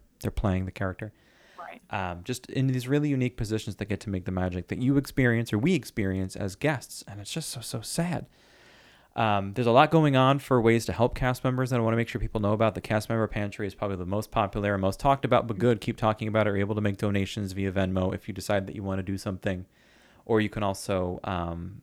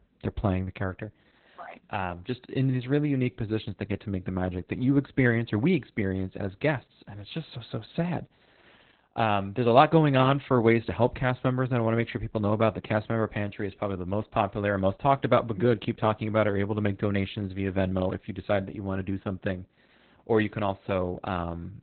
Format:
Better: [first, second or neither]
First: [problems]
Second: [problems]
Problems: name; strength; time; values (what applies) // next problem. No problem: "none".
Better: first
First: none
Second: garbled, watery; badly; nothing above 4 kHz